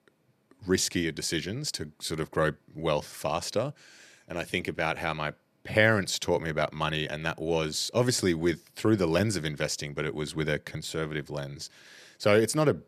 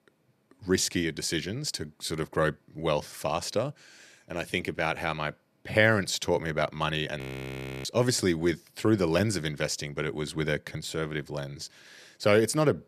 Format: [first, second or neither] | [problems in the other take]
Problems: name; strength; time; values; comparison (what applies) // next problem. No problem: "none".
first | audio freezing; at 7 s for 0.5 s